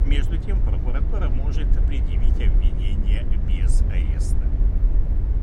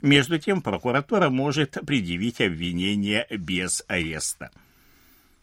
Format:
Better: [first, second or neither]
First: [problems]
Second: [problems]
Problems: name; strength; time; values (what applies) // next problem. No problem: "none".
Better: second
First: low rumble; loud; throughout; 1 dB below the speech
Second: none